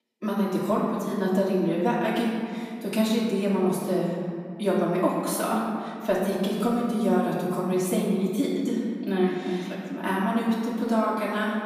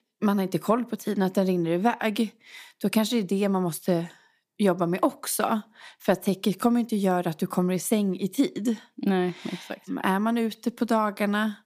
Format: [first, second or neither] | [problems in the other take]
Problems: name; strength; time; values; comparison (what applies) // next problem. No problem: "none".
second | off-mic speech; far // room echo; noticeable; dies away in 2 s